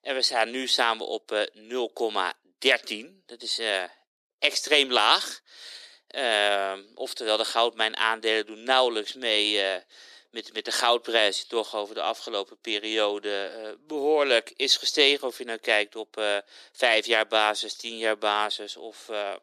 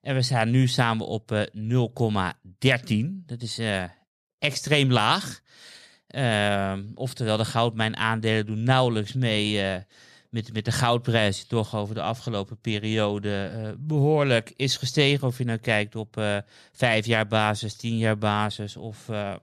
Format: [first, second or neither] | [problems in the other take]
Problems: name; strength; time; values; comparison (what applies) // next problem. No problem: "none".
second | thin; very; fading below 300 Hz